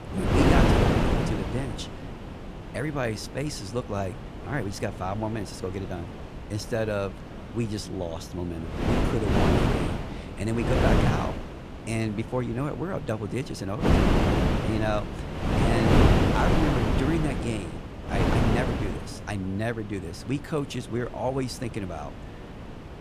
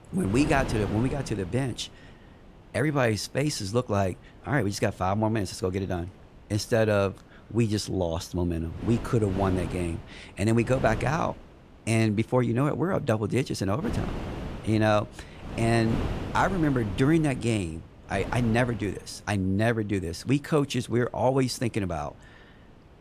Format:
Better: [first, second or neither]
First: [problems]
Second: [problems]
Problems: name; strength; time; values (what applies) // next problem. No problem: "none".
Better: second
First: wind noise on the microphone; heavy; 4 dB above the speech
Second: wind noise on the microphone; occasional gusts; 10 dB below the speech